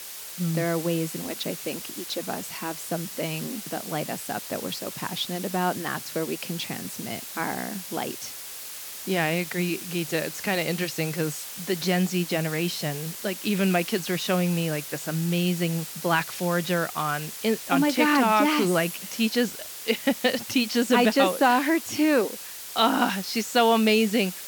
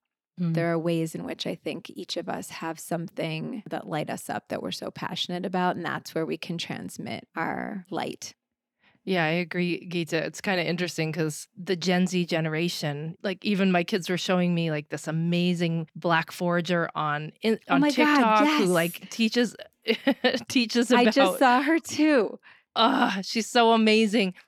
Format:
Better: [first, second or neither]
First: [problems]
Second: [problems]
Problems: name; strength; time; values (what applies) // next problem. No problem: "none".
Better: second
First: hiss; loud; throughout; 9 dB below the speech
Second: none